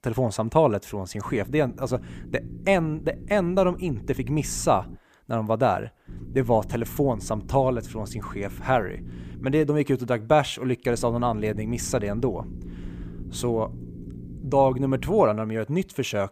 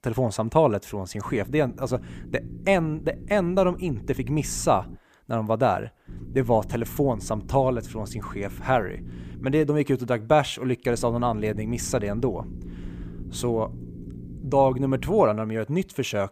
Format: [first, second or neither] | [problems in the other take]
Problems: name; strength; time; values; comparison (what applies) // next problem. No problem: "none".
neither | low rumble; faint; from 1.5 to 5 s, from 6 to 9.5 s and from 11 to 15 s; 25 dB below the speech; the same in both